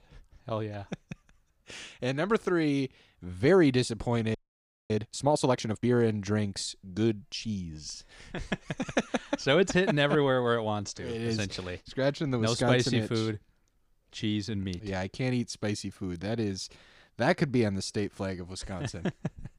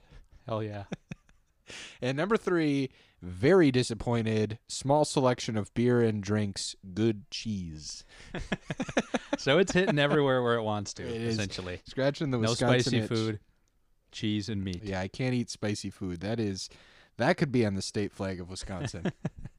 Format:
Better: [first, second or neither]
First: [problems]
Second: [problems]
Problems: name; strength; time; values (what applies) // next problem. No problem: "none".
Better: second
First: audio freezing; at 4.5 s for 0.5 s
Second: none